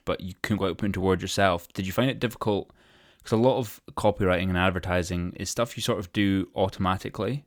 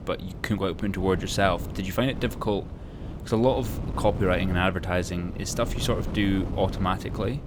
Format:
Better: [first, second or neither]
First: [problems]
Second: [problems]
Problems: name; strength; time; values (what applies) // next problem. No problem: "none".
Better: first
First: none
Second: wind noise on the microphone; occasional gusts; 15 dB below the speech